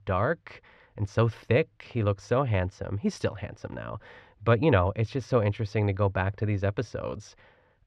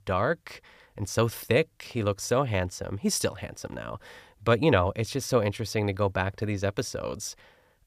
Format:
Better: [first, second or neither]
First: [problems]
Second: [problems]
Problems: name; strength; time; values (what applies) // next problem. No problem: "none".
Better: second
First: muffled; slightly; fading above 3 kHz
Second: none